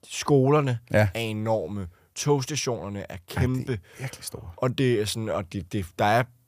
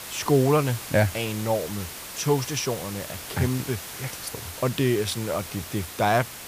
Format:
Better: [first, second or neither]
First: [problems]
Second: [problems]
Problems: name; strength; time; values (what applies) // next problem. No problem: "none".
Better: first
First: none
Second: hiss; loud; throughout; 10 dB below the speech